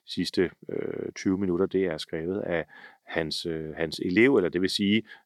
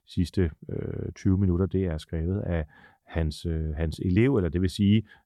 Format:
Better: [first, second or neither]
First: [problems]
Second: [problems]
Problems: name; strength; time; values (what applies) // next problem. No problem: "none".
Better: second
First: thin; somewhat; fading below 350 Hz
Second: none